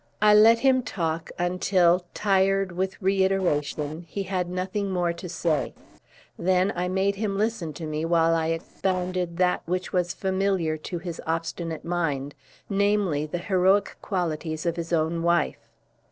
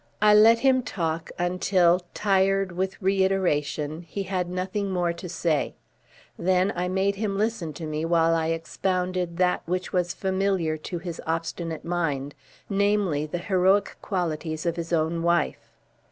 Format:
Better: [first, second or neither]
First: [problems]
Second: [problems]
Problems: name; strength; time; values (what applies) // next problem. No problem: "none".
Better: second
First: noise reduction (neural separator model SepFormer DNS4)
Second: none